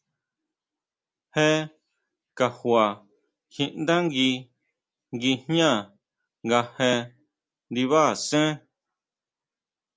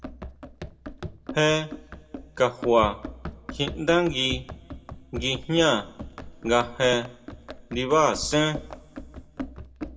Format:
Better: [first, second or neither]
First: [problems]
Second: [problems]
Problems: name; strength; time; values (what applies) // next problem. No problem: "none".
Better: first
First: none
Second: background sound (Run); 12 dB below the speech // room echo; dies away in 0.7 s